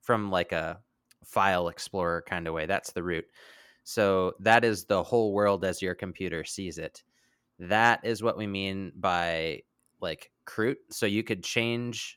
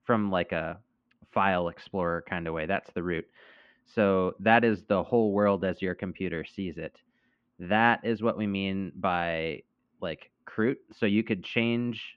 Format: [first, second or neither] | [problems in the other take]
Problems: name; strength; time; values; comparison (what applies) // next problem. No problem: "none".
first | muffled; very; fading above 3 kHz